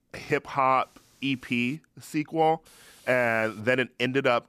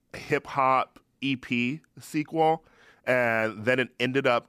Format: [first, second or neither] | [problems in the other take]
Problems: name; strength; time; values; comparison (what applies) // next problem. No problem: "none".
second | hiss; faint; at 1 s and at 2.5 s; 30 dB below the speech